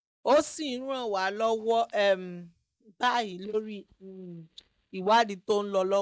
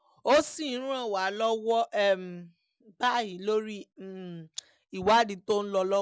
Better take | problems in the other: second | noise reduction (neural mask model DeepFilterNet 3)

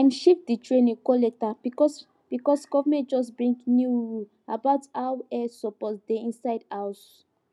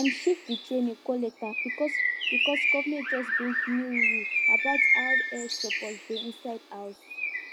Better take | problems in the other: first | background sound (Bird); 3 dB above the speech

